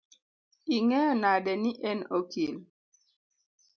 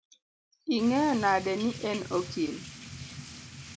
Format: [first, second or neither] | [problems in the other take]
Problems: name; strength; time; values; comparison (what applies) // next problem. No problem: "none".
first | background sound (Drip / Rain); 12 dB below the speech